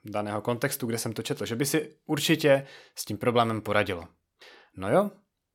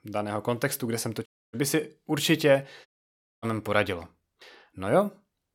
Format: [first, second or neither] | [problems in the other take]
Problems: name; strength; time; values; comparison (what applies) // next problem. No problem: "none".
first | audio cutting out; at 1.5 s and at 3 s for 0.5 s